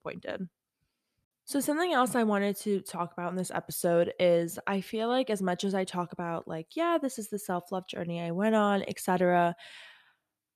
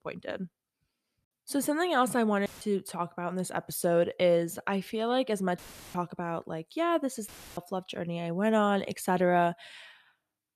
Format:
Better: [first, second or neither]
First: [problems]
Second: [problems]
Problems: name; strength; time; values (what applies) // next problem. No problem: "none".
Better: first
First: none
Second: audio cutting out; filled with static; at 2.5 s, at 5.5 s and at 7.5 s